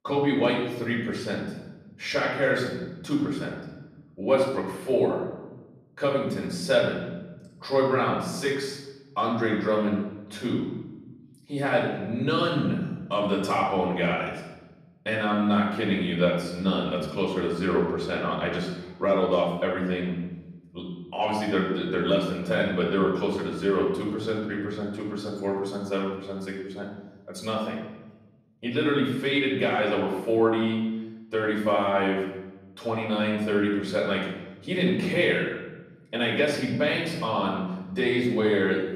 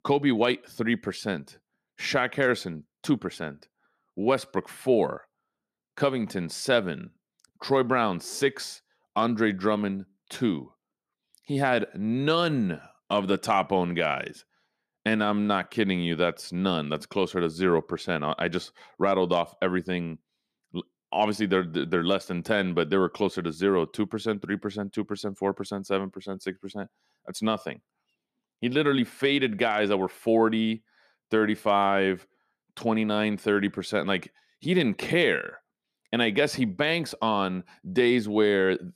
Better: second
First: off-mic speech; far // room echo; noticeable; dies away in 1 s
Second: none

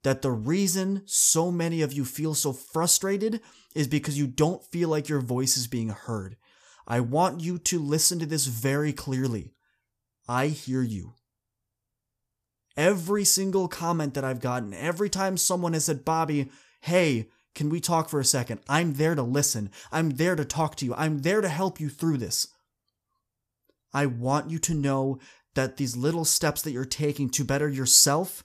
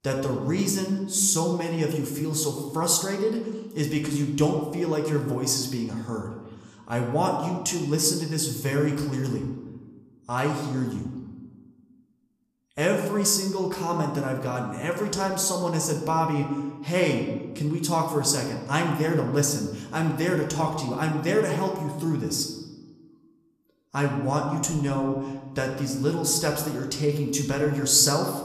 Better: first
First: none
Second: room echo; slight; dies away in 1.1 s

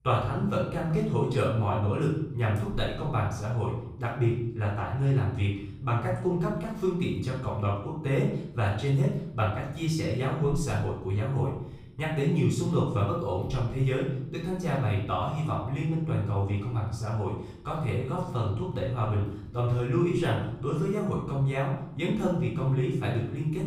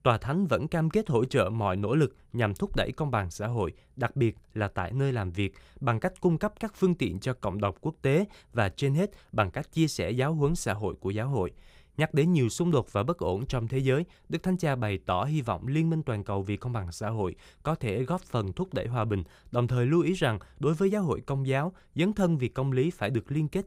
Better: second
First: off-mic speech; far // room echo; noticeable; dies away in 0.7 s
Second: none

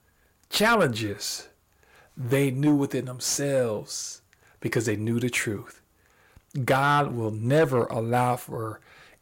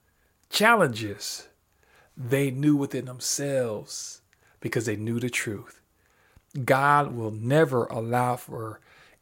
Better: second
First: distortion; slight; 10 dB below the speech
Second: none

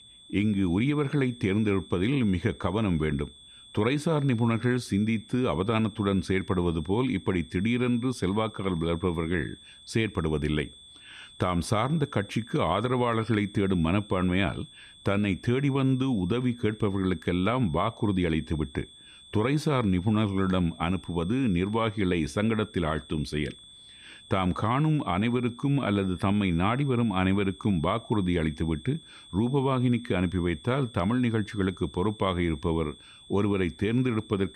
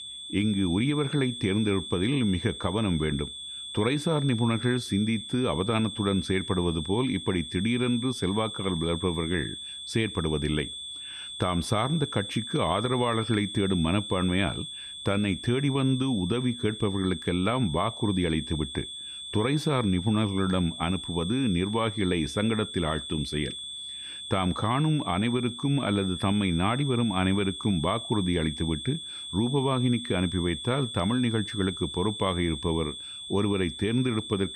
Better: first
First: high-pitched whine; faint; throughout; 3.5 kHz, 20 dB below the speech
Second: high-pitched whine; loud; throughout; 3.5 kHz, 8 dB below the speech

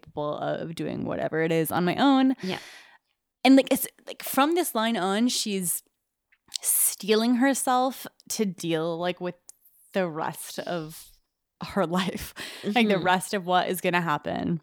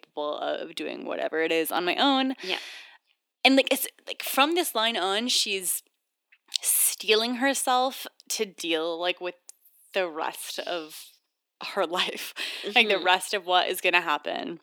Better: first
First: none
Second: thin; very slightly; fading below 300 Hz

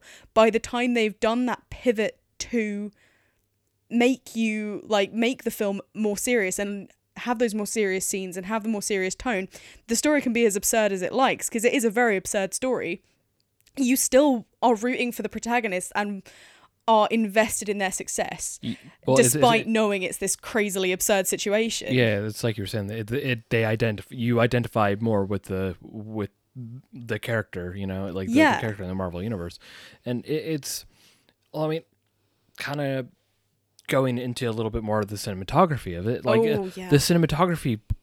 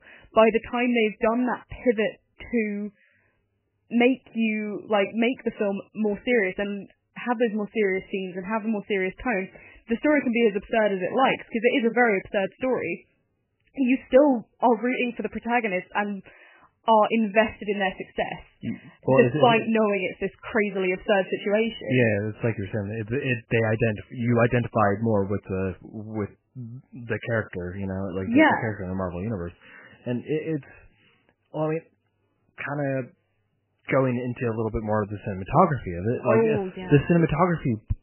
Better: first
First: none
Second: garbled, watery; badly; nothing above 3 kHz

